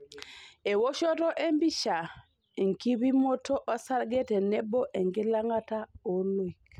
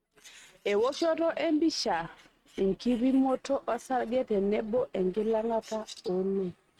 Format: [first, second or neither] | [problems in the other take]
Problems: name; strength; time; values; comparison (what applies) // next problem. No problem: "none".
first | noise reduction (neural mask model RNNoise)